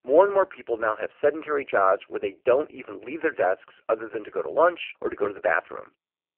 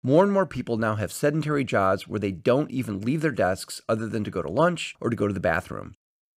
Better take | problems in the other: second | phone-call audio; poor line; nothing above 3 kHz

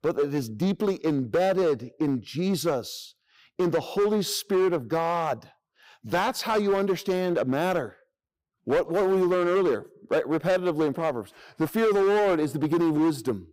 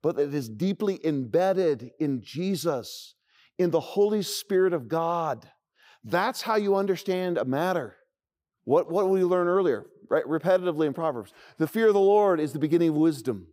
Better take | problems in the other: second | distortion; slight; 12% of the sound clipped

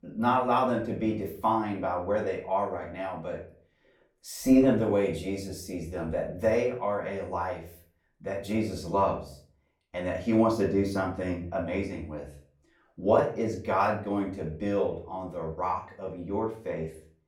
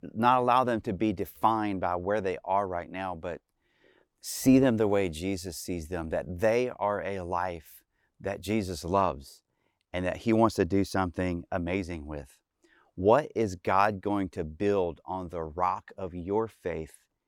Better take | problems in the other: second | off-mic speech; far // room echo; slight; dies away in 0.4 s

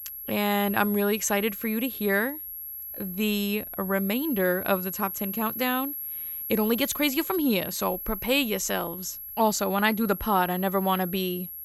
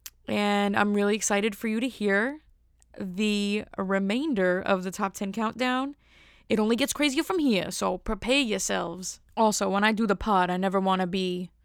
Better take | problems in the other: second | high-pitched whine; loud; throughout; 11.5 kHz, 7 dB below the speech

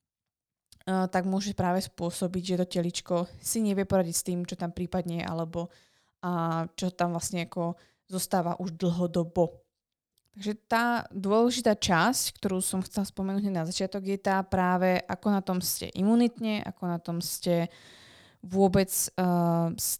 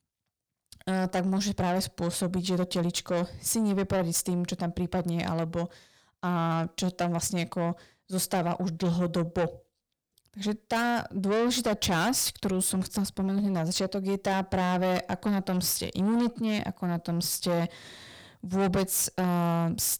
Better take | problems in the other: first | distortion; heavy; 7 dB below the speech

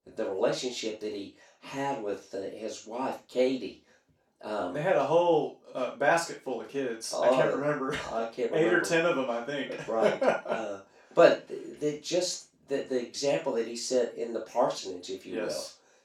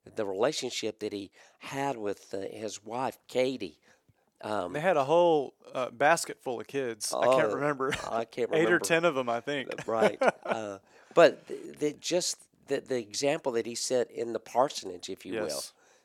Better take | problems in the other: second | room echo; noticeable; dies away in 0.3 s // off-mic speech; far

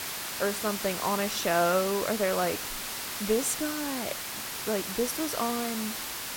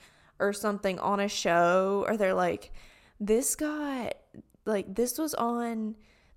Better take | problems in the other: second | hiss; loud; throughout; 3 dB below the speech

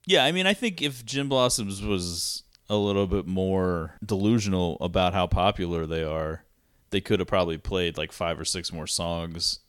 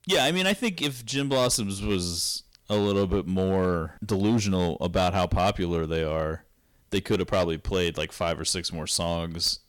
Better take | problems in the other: first | distortion; slight; 6% of the sound clipped

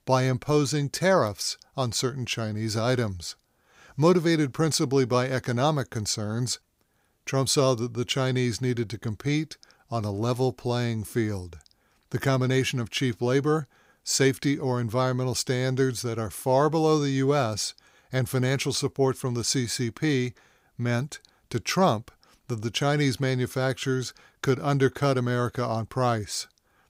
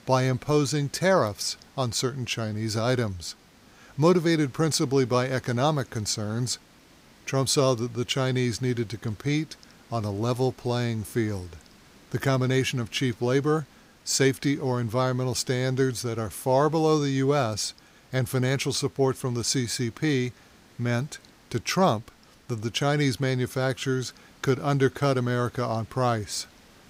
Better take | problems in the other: first | hiss; faint; throughout; 30 dB below the speech

